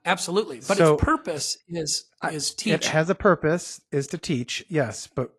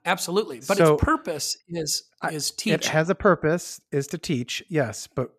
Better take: second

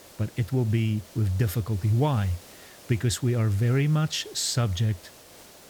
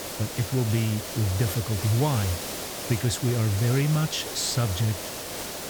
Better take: first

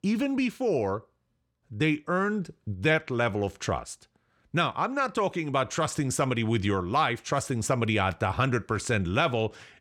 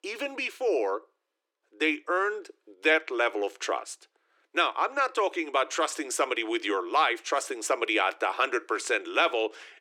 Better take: first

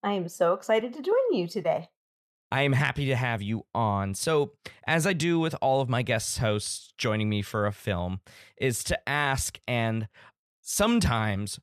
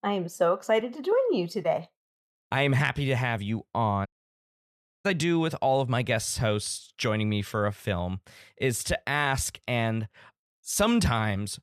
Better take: first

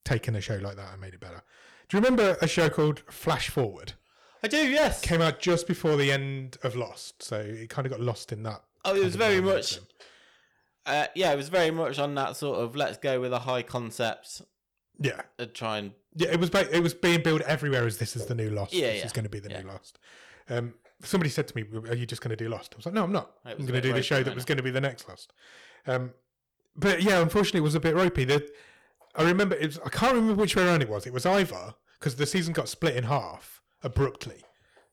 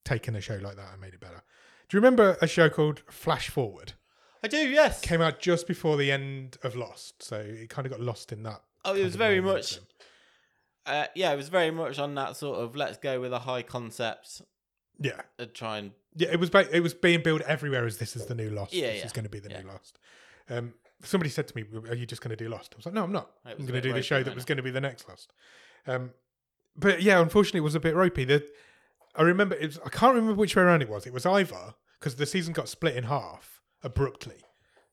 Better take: second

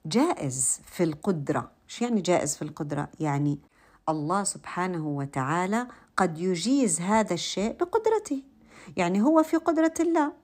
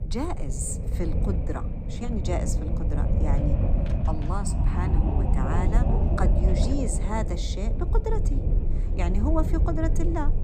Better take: first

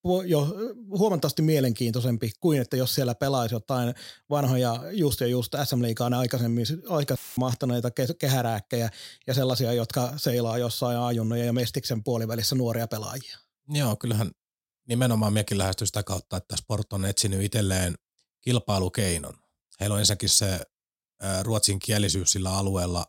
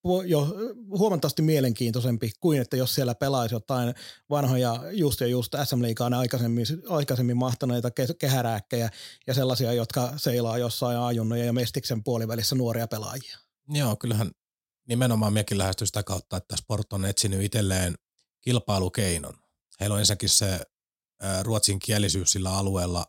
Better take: second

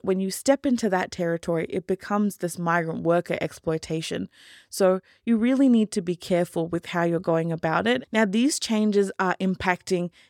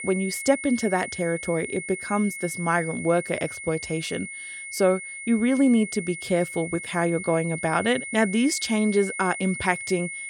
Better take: first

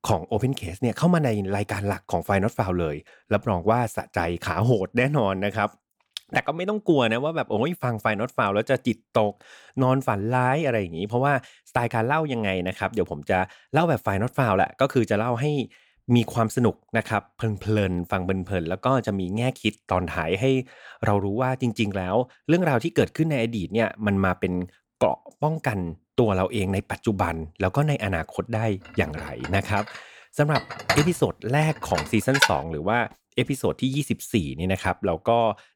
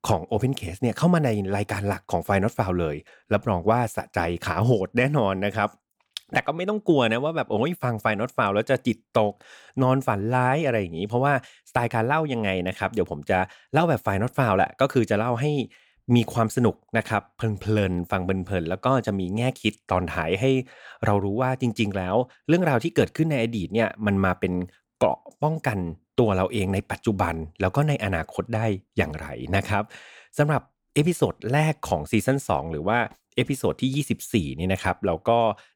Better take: second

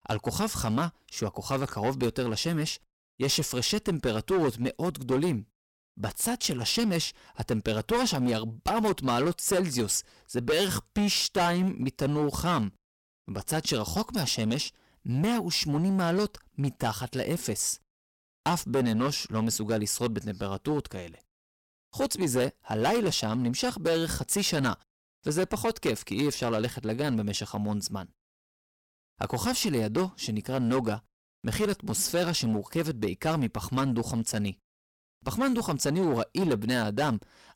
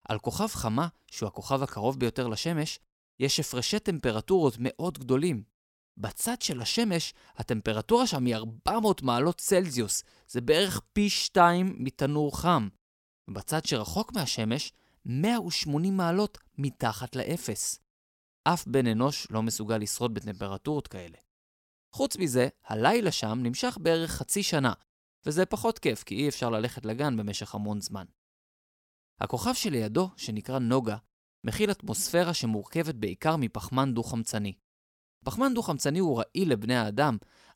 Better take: second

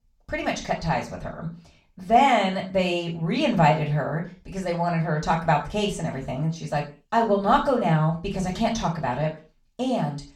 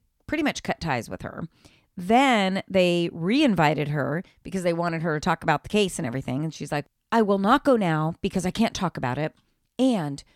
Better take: second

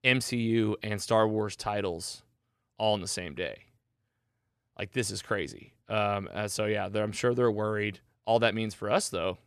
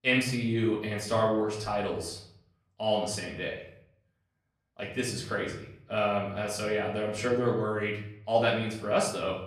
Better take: first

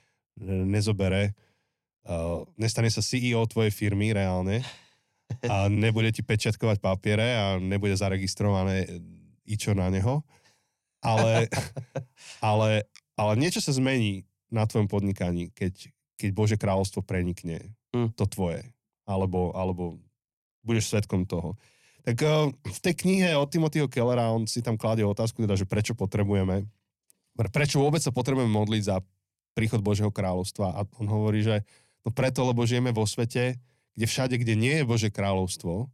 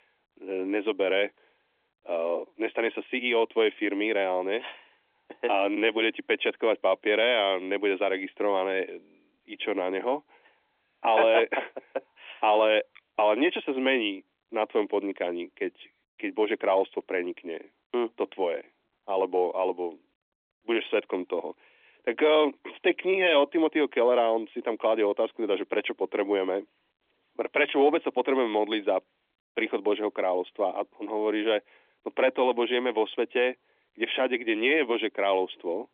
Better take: first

